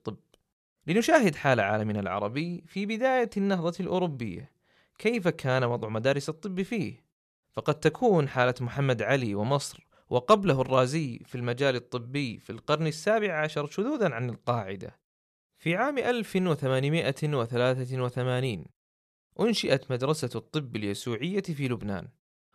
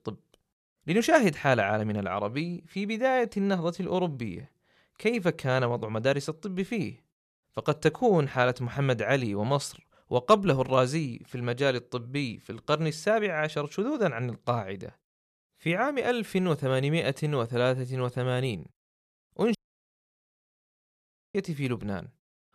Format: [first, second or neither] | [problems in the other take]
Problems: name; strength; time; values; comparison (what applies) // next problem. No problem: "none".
first | audio cutting out; at 20 s for 2 s